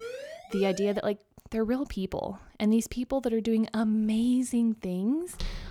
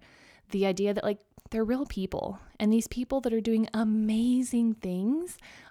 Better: second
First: siren; faint; at the start; peak 10 dB below the speech // footsteps; very faint; at 5.5 s; peak 10 dB below the speech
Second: none

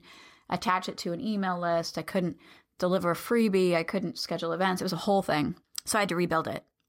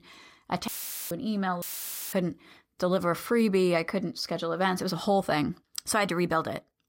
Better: first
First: none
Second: audio cutting out; filled with static; at 0.5 s and at 1.5 s for 0.5 s

